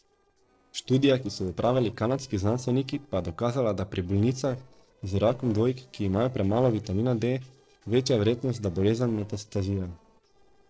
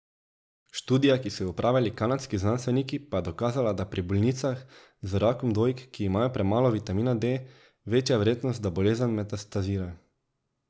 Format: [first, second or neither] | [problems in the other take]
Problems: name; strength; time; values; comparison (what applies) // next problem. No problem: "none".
second | noise reduction (neural separator model SepFormer DNS4)